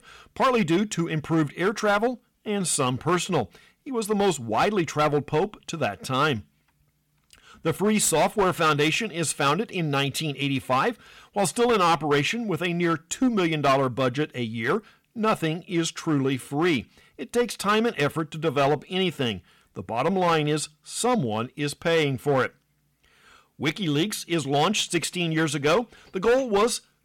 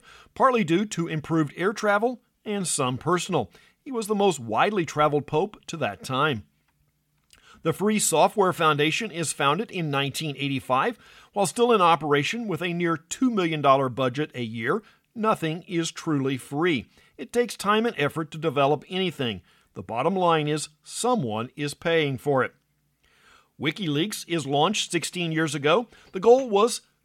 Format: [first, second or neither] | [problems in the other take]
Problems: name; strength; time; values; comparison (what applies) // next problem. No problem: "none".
second | distortion; slight; 6% of the sound clipped